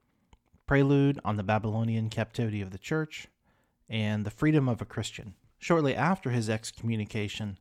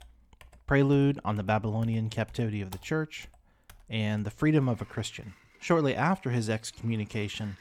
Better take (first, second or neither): first